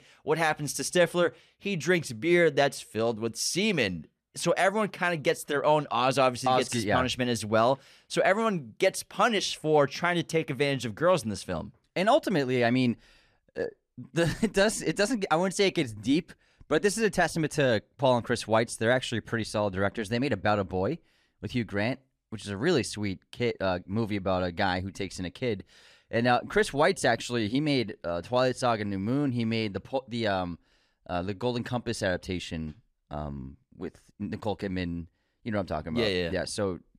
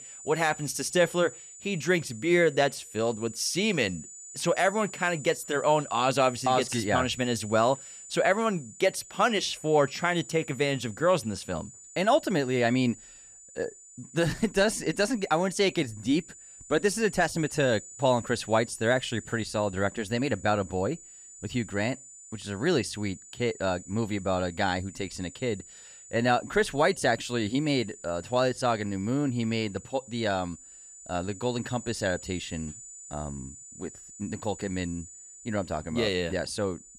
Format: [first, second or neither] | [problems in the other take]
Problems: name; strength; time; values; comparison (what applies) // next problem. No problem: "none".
first | high-pitched whine; noticeable; throughout; 7 kHz, 15 dB below the speech